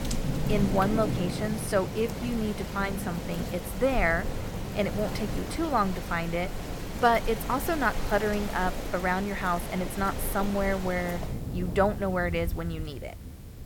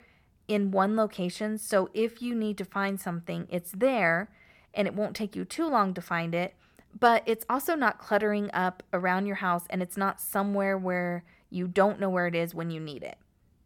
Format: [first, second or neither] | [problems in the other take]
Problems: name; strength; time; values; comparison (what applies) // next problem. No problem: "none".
second | rain or running water; loud; throughout; 6 dB below the speech